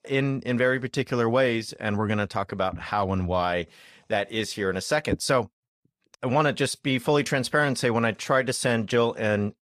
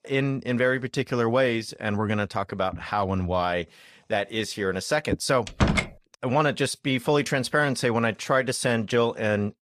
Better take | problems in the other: first | door banging; loud; at 5.5 s; peak 2 dB above the speech

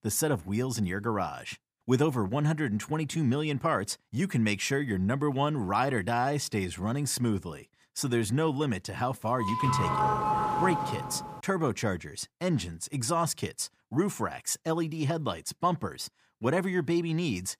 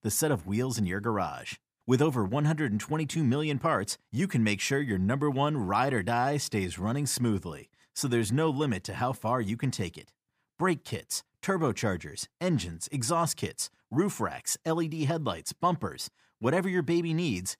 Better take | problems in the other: second | doorbell; loud; from 9.5 to 11 s; peak 3 dB above the speech

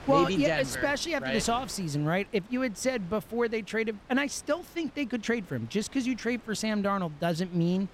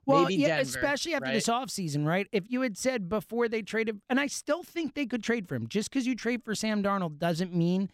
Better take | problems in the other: second | wind noise on the microphone; occasional gusts; 20 dB below the speech

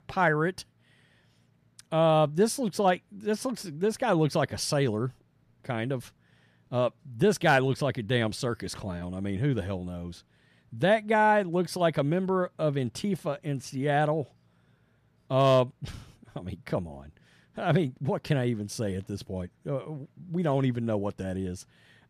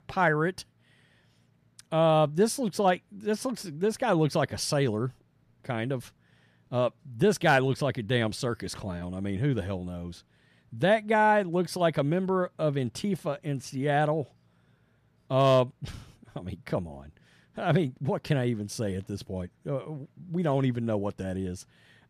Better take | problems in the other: neither | none

